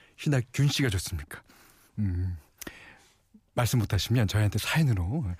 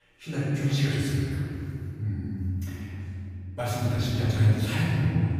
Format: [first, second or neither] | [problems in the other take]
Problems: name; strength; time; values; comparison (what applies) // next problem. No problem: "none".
first | room echo; strong; dies away in 3 s // off-mic speech; far